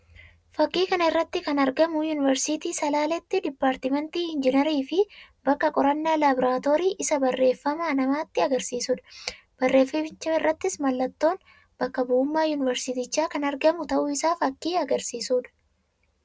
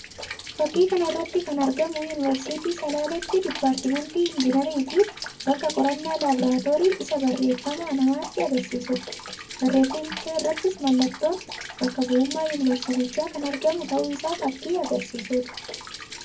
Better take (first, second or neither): first